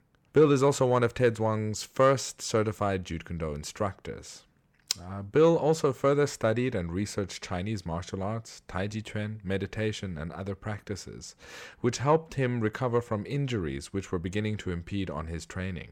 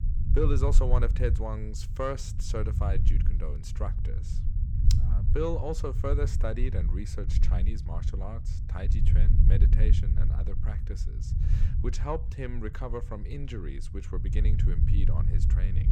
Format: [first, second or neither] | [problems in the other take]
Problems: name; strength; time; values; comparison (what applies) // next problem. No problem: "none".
first | low rumble; loud; throughout; 8 dB below the speech